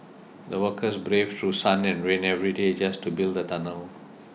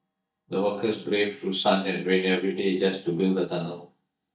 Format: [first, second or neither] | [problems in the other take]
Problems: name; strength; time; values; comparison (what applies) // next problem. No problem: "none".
first | noise reduction (neural mask model DeepFilterNet 3)